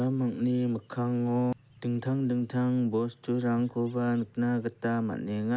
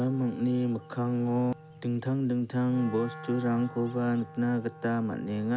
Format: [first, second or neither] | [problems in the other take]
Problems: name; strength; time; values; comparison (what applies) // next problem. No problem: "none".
first | background sound (Wind instrument, woodwind instrument); 18 dB below the speech